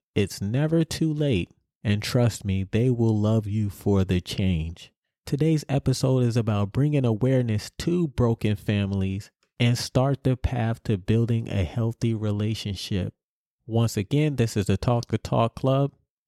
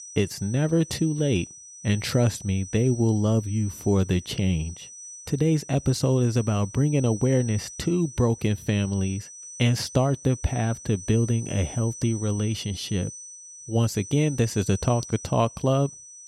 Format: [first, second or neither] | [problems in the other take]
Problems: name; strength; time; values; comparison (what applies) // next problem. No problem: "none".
first | high-pitched whine; noticeable; throughout; 6 kHz, 15 dB below the speech